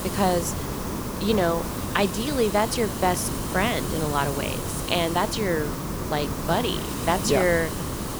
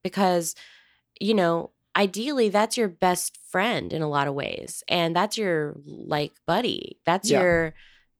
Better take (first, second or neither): second